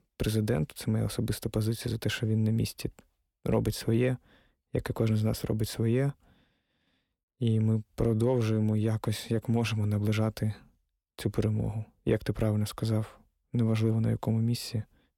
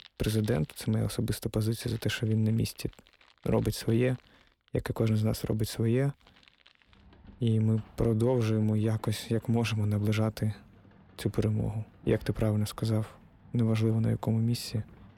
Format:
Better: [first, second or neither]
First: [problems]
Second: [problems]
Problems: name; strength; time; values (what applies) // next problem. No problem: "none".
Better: first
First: none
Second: household noises; faint; throughout; 25 dB below the speech